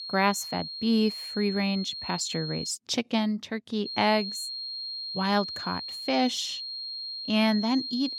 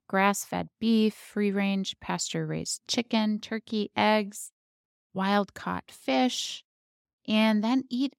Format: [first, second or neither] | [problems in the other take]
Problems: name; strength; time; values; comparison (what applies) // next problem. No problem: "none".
second | high-pitched whine; loud; until 2.5 s and from 4 s on; 4 kHz, 6 dB below the speech